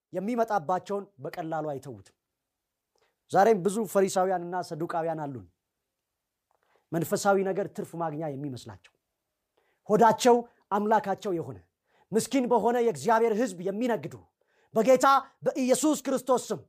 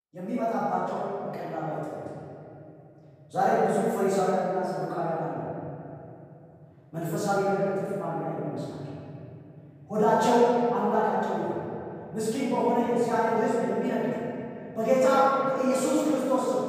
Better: first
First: none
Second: off-mic speech; far // room echo; strong; dies away in 3 s

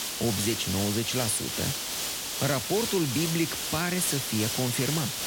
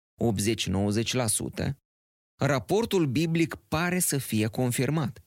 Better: second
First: hiss; loud; throughout; as loud as the speech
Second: none

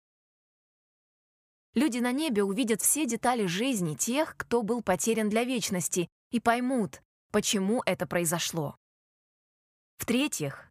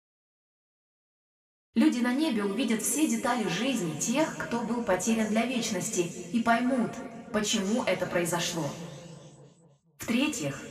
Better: first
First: none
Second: room echo; slight; dies away in 2.3 s // off-mic speech; far

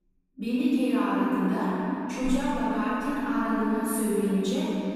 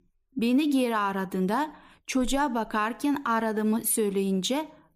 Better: second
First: off-mic speech; far // room echo; strong; dies away in 3 s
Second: none

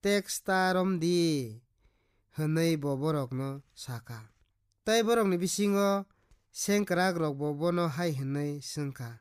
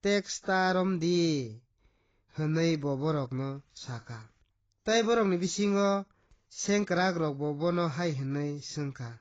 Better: first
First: none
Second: garbled, watery; badly

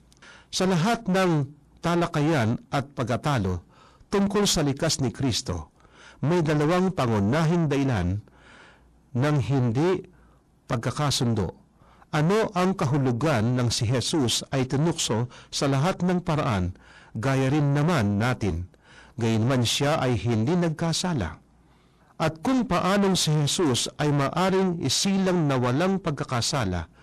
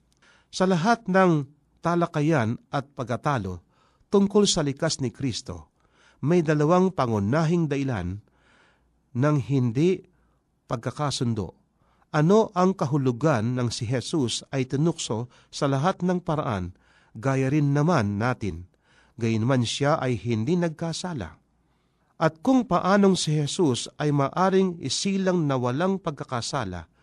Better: second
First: distortion; heavy; 6 dB below the speech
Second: none

